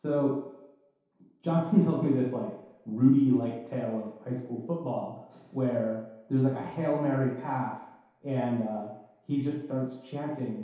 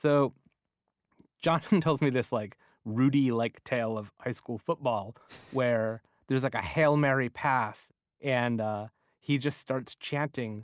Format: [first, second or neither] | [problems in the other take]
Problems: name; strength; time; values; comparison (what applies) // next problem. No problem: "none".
second | room echo; dies away in 0.8 s